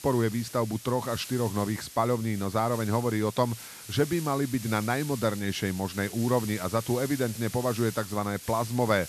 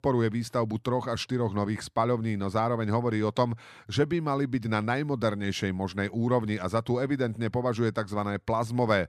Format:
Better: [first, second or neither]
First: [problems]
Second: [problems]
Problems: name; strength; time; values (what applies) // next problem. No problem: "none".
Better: second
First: hiss; noticeable; throughout; 10 dB below the speech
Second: none